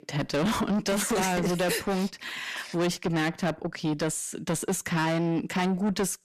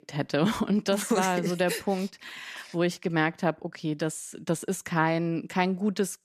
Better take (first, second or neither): second